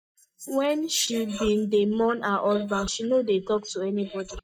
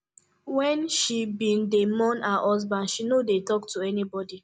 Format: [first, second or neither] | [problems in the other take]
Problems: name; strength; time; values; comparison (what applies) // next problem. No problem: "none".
second | noise reduction (neural mask model DeepFilterNet 3)